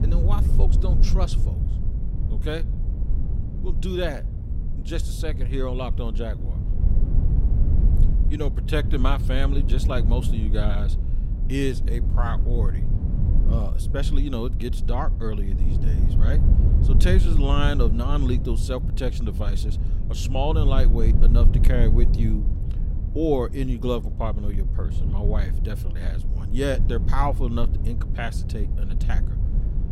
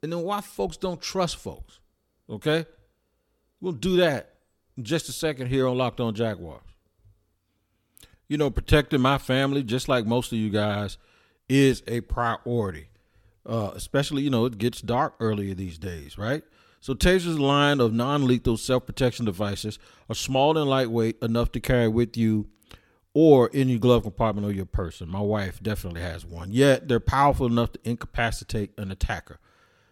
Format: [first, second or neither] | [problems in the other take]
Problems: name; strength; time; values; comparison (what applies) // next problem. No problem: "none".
second | low rumble; loud; throughout; 9 dB below the speech